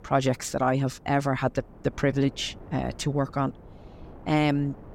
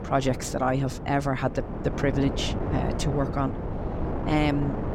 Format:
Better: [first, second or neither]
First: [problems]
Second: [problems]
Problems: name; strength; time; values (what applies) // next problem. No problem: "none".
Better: first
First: wind noise on the microphone; occasional gusts; 25 dB below the speech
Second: wind noise on the microphone; heavy; 7 dB below the speech